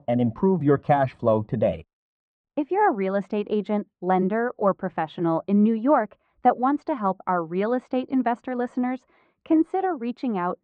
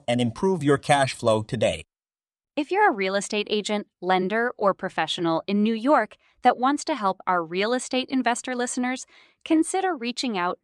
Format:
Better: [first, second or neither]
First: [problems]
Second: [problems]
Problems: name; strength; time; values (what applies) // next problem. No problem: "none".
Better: second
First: muffled; very; fading above 1 kHz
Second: none